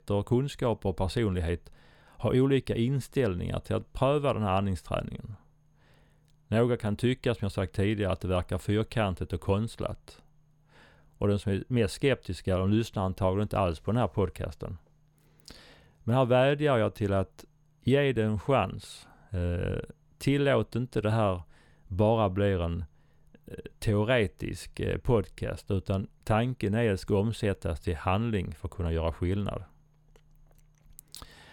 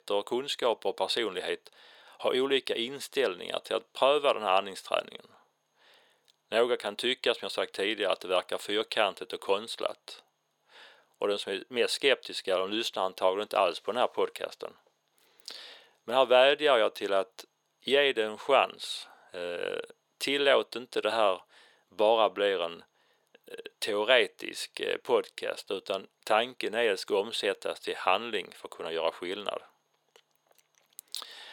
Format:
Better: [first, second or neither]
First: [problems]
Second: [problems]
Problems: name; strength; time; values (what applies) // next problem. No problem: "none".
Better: first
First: none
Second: thin; very; fading below 450 Hz